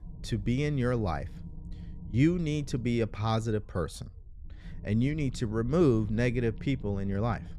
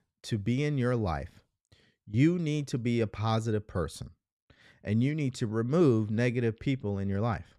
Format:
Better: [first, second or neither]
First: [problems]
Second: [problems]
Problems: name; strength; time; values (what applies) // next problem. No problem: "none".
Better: second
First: low rumble; faint; throughout; 25 dB below the speech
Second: none